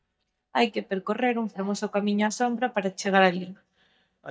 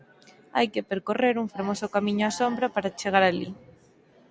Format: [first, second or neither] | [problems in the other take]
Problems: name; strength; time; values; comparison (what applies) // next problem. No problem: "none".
second | noise reduction (neural mask model DeepFilterNet 3)